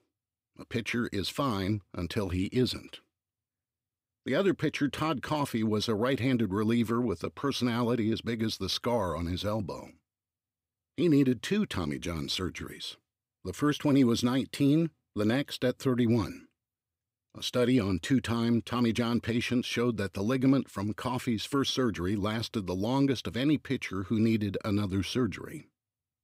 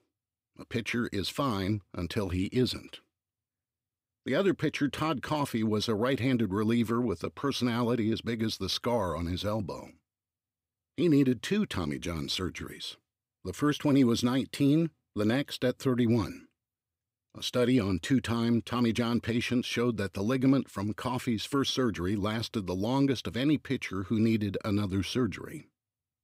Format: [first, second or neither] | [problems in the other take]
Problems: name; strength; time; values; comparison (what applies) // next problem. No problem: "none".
neither | none